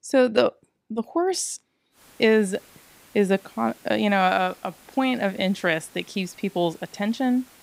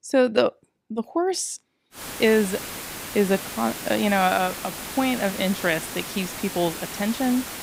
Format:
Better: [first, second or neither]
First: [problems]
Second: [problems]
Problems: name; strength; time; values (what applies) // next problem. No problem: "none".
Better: first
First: hiss; faint; from 2 s on; 25 dB below the speech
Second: hiss; loud; from 2 s on; 8 dB below the speech